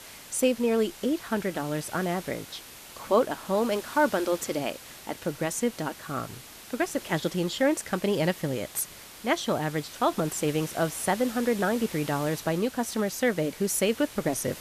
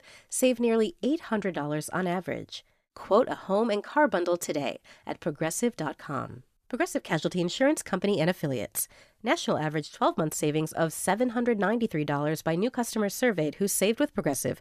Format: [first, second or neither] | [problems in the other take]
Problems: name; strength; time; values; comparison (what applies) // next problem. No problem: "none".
second | hiss; noticeable; throughout; 15 dB below the speech